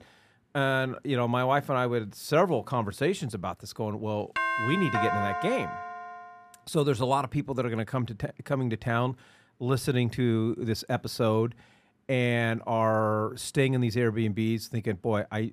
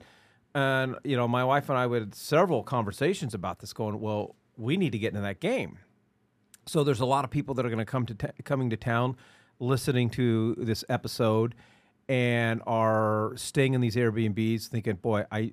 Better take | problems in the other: second | doorbell; loud; from 4.5 to 6 s; peak 1 dB above the speech

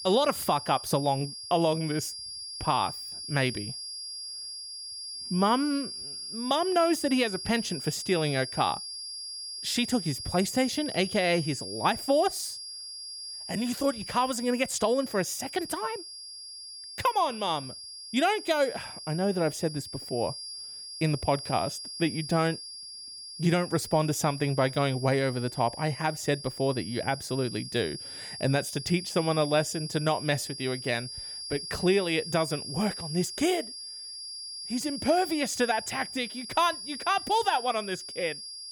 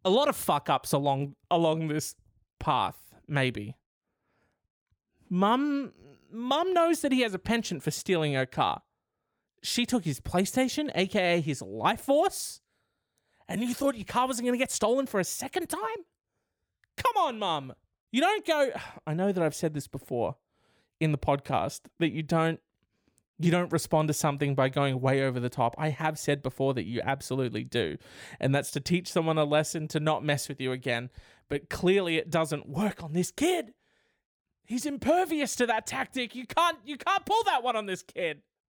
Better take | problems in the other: second | high-pitched whine; loud; throughout; 5 kHz, 9 dB below the speech

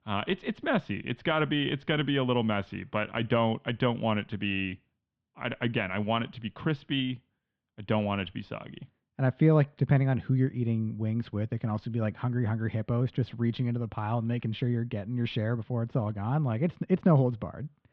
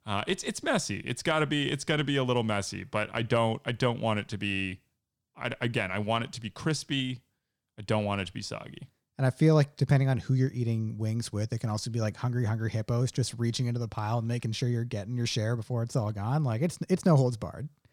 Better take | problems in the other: second | muffled; very; fading above 3 kHz

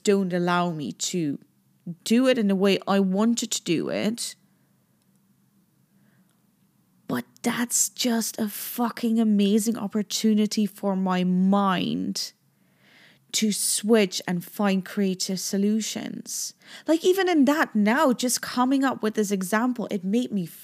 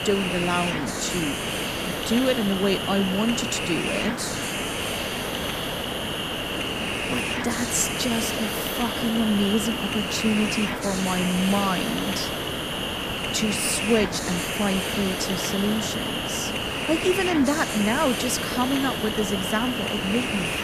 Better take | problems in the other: first | hiss; loud; throughout; 1 dB below the speech

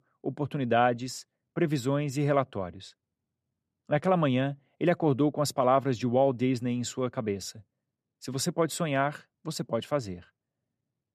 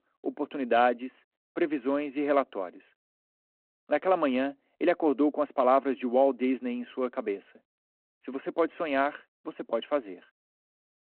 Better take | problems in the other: first | phone-call audio

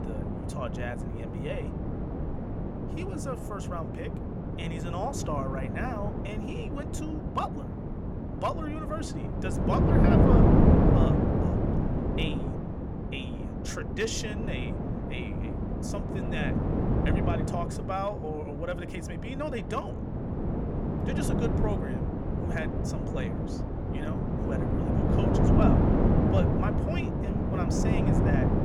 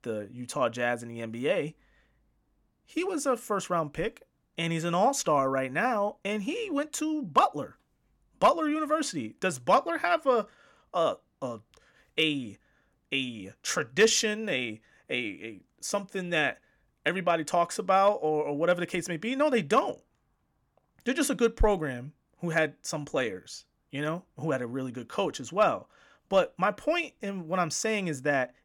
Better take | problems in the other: second | wind noise on the microphone; heavy; 2 dB above the speech

